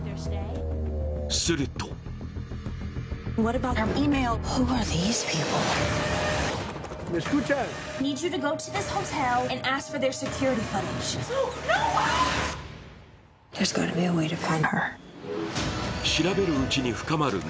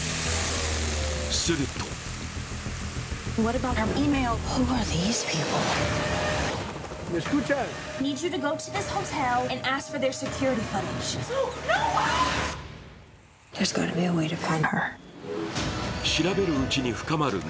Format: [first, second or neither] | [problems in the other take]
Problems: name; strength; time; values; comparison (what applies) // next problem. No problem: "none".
first | background sound (Boiling / Hiss); 13 dB below the speech